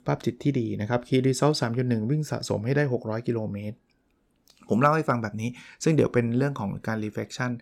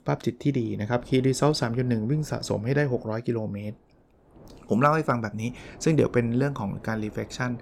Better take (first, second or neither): first